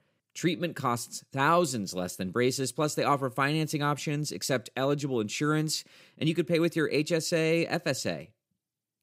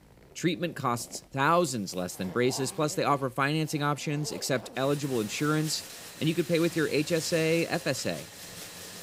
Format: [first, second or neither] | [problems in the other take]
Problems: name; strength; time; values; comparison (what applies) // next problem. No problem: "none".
first | household noises; noticeable; throughout; 15 dB below the speech